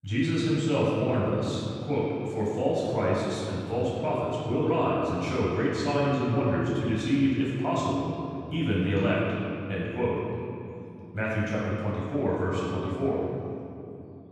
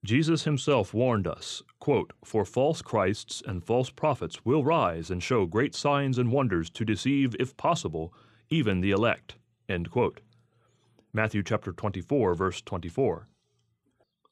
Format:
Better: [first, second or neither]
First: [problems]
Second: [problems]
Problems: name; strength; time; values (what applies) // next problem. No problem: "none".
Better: second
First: off-mic speech; far // room echo; strong; dies away in 2.8 s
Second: none